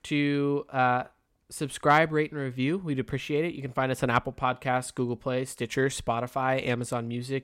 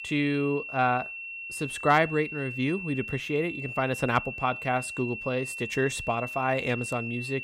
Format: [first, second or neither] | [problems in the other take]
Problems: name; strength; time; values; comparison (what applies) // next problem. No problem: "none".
first | high-pitched whine; loud; throughout; 2.5 kHz, 7 dB below the speech